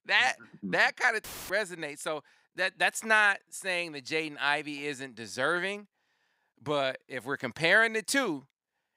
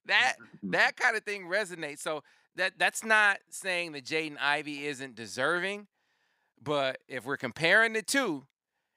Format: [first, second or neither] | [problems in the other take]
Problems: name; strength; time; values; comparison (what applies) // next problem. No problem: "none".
second | audio cutting out; filled with static; at 1 s